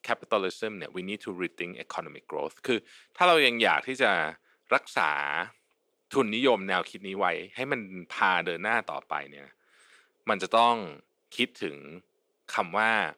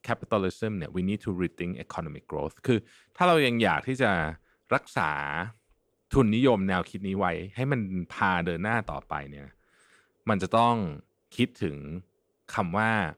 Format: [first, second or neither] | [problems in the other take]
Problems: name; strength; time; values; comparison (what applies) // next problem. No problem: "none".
second | thin; somewhat; fading below 350 Hz